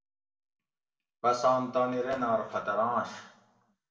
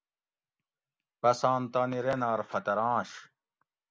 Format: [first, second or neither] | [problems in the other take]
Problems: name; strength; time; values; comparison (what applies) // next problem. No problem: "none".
second | room echo; dies away in 0.7 s